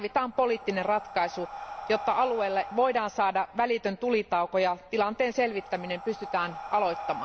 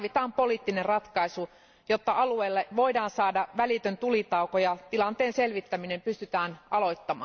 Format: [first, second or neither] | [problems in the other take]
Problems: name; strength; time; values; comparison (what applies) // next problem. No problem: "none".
second | background sound (Breathing); 14 dB below the speech